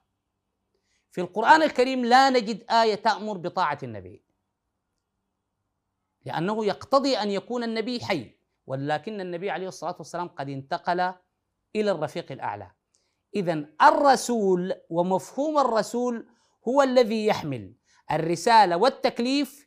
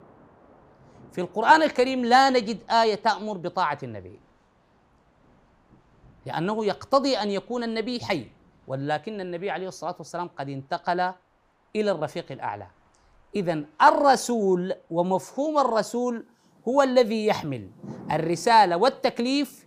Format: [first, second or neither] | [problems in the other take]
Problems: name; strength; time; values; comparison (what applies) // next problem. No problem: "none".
first | rain or running water; faint; throughout; 30 dB below the speech